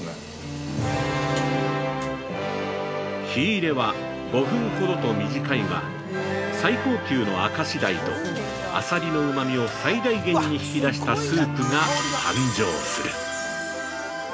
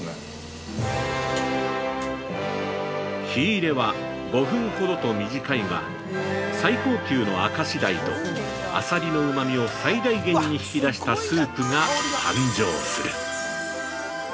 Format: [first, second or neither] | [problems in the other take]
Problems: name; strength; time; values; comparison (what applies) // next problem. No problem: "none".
second | background sound (Bowed string instrument); 9 dB below the speech